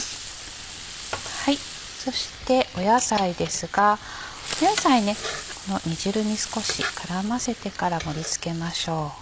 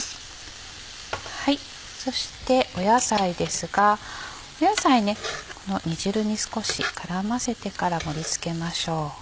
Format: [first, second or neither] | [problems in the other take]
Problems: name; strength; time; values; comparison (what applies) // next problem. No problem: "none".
second | background sound (Fireworks); 14 dB below the speech